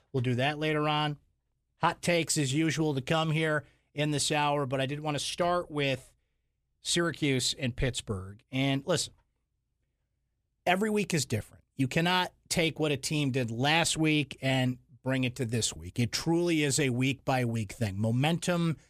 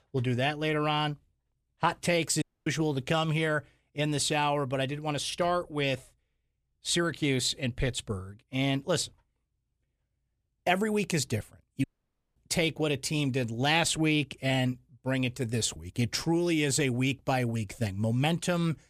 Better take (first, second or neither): first